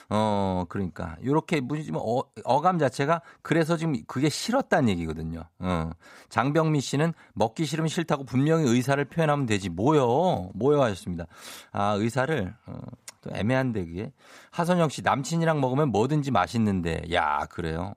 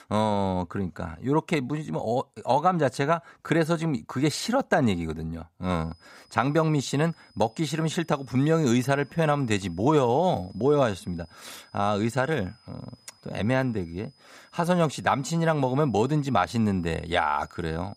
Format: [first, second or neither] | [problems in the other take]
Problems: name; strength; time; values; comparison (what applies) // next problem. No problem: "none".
first | high-pitched whine; faint; from 5.5 s on; 5 kHz, 30 dB below the speech